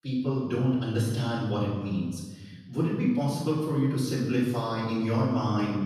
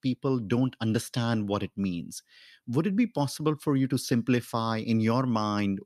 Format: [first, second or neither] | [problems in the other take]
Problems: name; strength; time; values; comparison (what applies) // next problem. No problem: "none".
second | off-mic speech; far // room echo; noticeable; dies away in 1.3 s